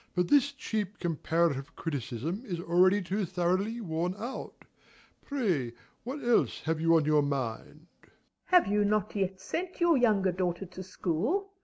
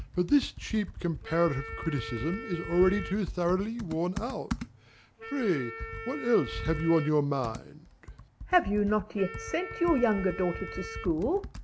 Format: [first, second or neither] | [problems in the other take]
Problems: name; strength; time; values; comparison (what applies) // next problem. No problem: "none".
first | background sound (Wind instrument, woodwind instrument + Computer keyboard); 10 dB below the speech